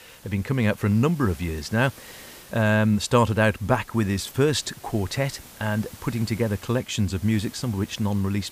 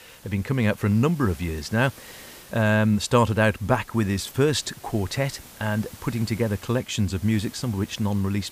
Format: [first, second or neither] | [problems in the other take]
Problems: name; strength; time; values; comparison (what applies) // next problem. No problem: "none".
neither | hiss; faint; throughout; 20 dB below the speech; the same in both